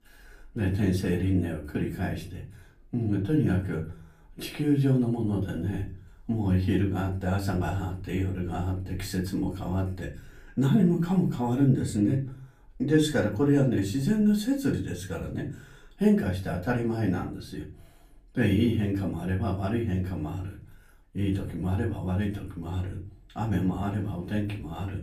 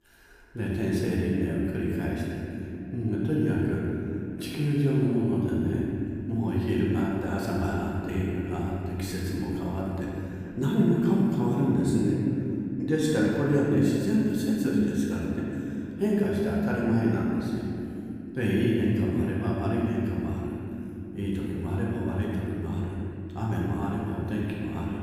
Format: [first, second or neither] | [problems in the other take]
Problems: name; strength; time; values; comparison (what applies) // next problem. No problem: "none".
first | room echo; strong; dies away in 3 s; slight in the first // off-mic speech; far; far in the first